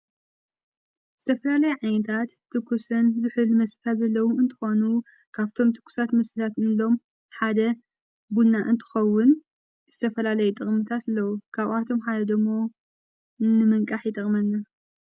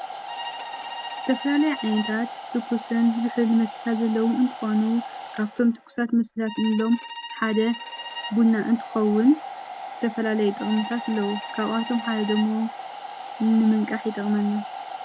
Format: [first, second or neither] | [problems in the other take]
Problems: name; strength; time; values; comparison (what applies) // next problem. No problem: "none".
first | background sound (Domestic sounds, home sounds + Bowed string instrument); 11 dB below the speech